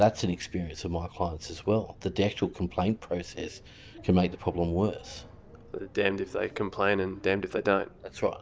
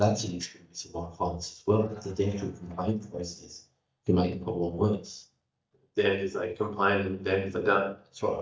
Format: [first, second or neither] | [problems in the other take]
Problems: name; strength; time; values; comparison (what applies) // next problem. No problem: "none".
first | noise reduction (neural mask model DeepFilterNet 3)